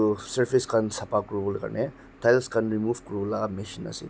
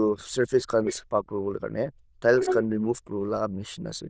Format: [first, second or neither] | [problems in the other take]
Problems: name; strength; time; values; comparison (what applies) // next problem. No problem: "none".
first | noise reduction (neural diffusion model UNIVERSE++)